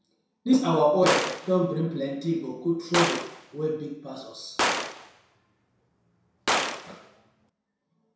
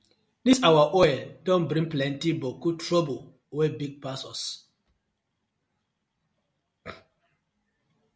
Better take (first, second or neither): second